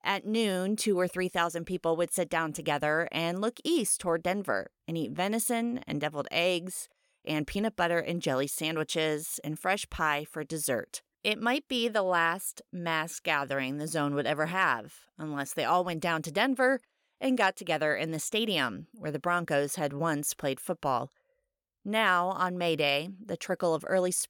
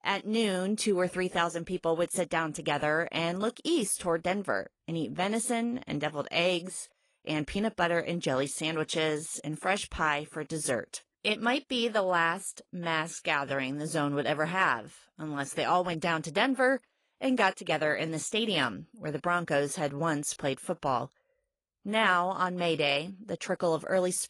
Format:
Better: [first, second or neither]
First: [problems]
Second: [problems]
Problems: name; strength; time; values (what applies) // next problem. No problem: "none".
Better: first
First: none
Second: garbled, watery; slightly; nothing above 10.5 kHz